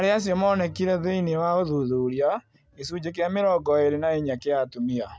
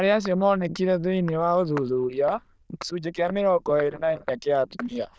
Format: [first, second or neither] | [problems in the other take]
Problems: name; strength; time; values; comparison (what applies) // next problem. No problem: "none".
first | noise reduction (neural diffusion model UNIVERSE++)